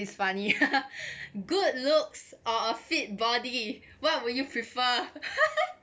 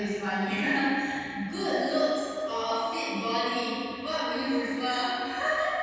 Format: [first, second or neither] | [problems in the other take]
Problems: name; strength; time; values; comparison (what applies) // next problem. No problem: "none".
first | room echo; dies away in 2.1 s